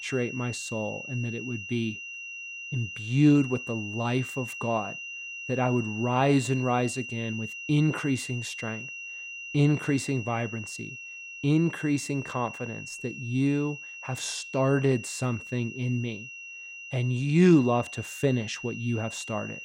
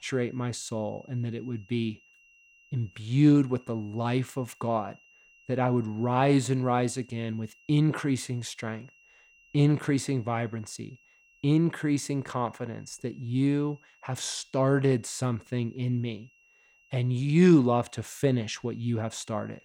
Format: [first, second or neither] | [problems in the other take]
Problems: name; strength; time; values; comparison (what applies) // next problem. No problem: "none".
second | high-pitched whine; loud; throughout; 3 kHz, 10 dB below the speech; faint in the second